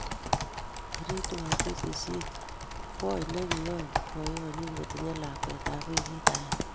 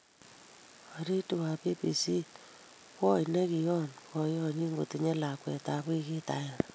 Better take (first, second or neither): second